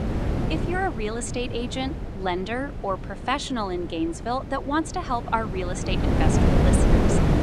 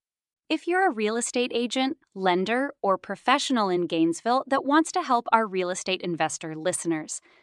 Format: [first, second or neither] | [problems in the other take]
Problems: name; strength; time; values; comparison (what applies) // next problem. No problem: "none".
second | wind noise on the microphone; heavy; 2 dB below the speech